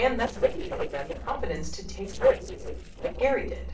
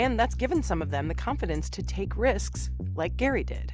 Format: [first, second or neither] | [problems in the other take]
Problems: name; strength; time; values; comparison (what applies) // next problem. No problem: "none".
second | noise reduction (neural separator model SepFormer DNS4)